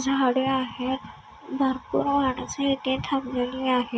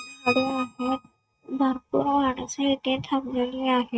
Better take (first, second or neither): first